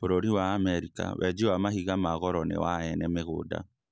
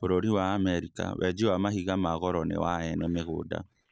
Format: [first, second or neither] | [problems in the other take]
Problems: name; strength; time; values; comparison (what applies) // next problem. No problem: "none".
first | noise reduction (neural separator model SepFormer DNS4)